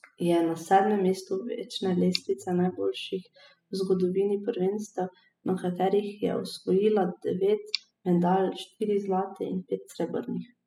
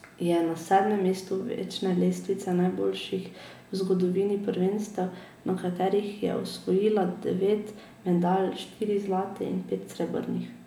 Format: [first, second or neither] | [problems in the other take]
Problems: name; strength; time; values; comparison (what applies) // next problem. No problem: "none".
second | noise reduction (classical method spectral subtraction)